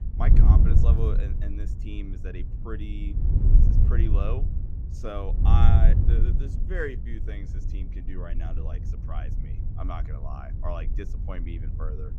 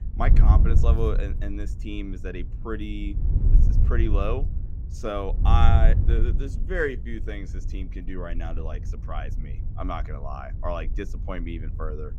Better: second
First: wind noise on the microphone; heavy; 3 dB below the speech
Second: wind noise on the microphone; occasional gusts; 10 dB below the speech

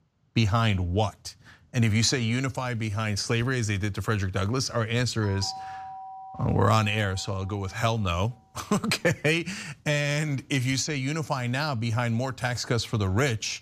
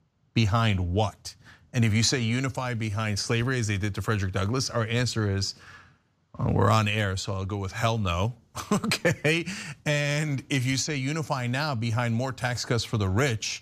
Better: second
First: doorbell; faint; from 5 to 8 s; peak 10 dB below the speech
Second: none

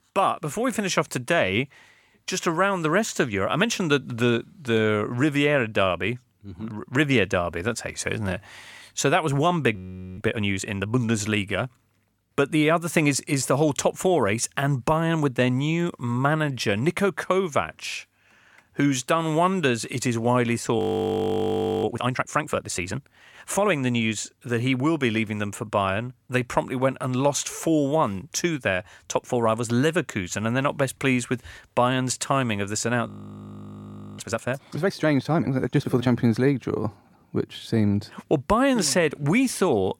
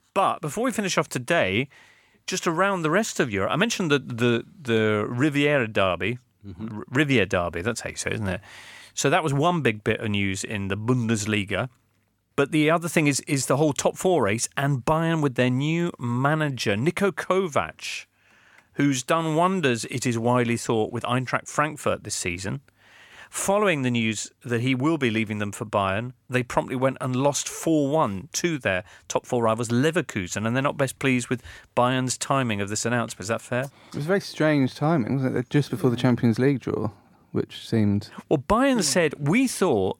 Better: second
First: audio freezing; at 10 s, at 21 s for 1 s and at 33 s for 1 s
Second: none

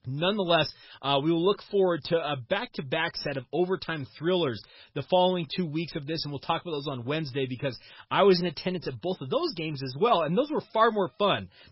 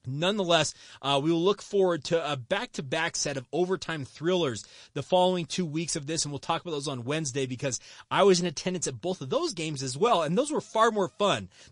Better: second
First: garbled, watery; badly; nothing above 5.5 kHz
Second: garbled, watery; slightly; nothing above 9.5 kHz

